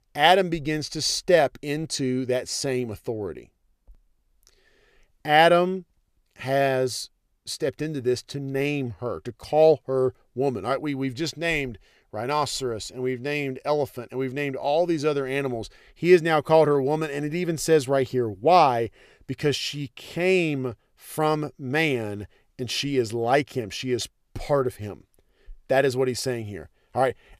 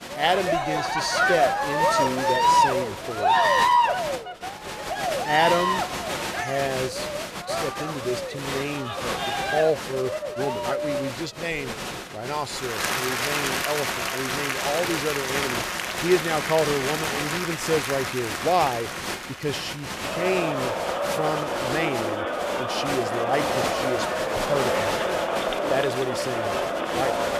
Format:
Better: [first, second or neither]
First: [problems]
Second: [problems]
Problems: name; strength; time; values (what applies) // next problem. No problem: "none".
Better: first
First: none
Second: crowd noise; very loud; throughout; 3 dB above the speech